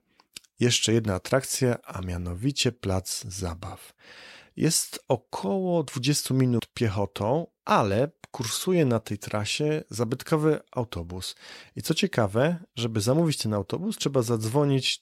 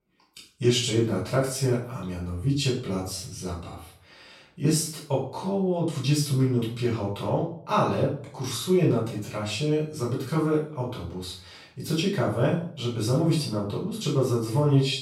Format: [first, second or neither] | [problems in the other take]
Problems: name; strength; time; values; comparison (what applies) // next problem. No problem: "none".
first | off-mic speech; far // room echo; noticeable; dies away in 0.4 s